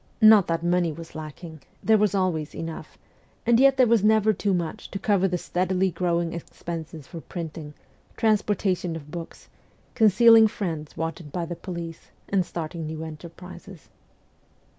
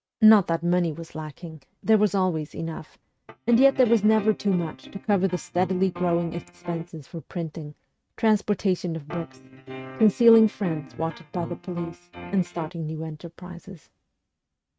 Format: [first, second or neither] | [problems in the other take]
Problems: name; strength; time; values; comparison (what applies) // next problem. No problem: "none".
first | noise reduction (neural mask model RNNoise)